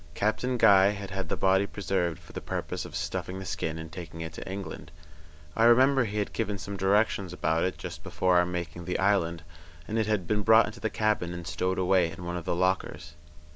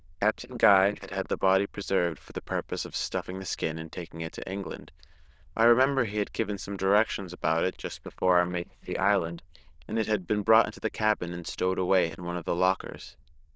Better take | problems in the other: first | noise reduction (neural diffusion model UNIVERSE++)

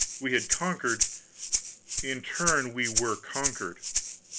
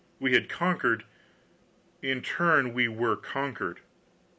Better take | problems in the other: second | background sound (Rattle (instrument)); 1 dB above the speech

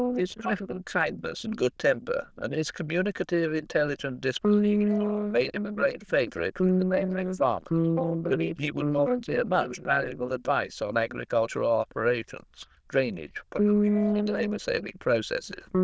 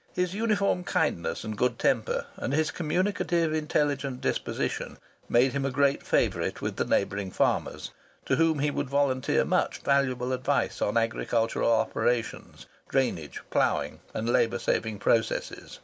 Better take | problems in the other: second | noise reduction (neural diffusion model UNIVERSE++)

